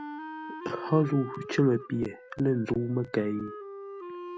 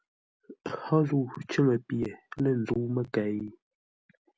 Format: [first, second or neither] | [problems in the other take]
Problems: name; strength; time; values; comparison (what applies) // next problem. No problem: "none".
second | background sound (Wind instrument, woodwind instrument); 12 dB below the speech